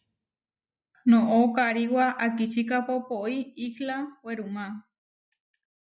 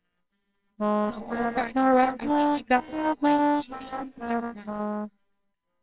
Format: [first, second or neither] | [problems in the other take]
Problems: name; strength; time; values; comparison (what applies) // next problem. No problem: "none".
first | noise reduction (neural separator model SepFormer WHAMR!)